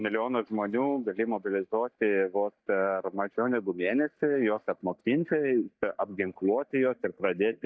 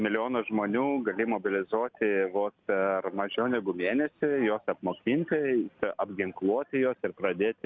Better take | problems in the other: second | noise reduction (neural mask model DeepFilterNet 3)

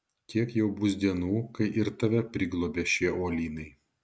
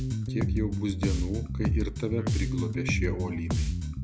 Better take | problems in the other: first | background sound (Bass guitar); 4 dB above the speech

